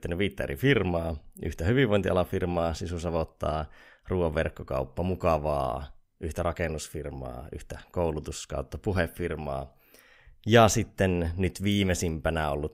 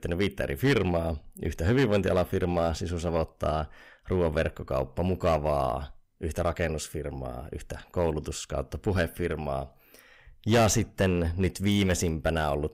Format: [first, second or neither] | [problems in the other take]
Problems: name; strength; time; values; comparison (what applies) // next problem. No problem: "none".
first | distortion; slight; 3% of the sound clipped